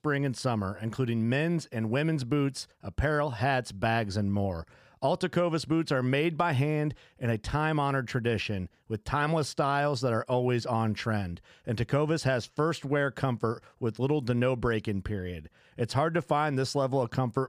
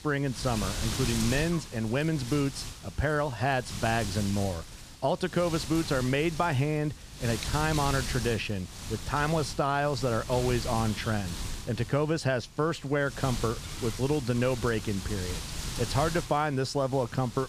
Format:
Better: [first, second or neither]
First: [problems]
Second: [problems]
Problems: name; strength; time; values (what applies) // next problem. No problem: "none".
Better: first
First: none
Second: wind noise on the microphone; heavy; 9 dB below the speech